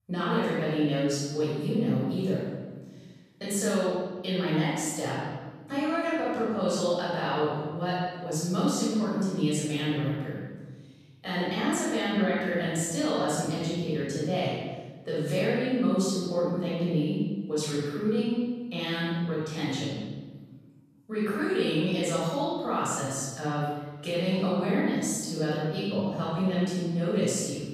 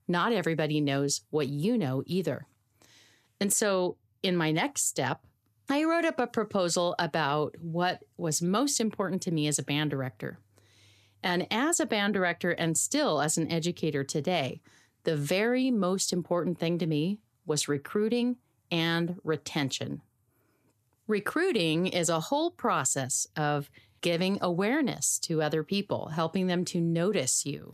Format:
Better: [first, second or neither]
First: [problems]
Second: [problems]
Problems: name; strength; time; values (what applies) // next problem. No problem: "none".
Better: second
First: off-mic speech; far // room echo; strong; dies away in 1.3 s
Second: none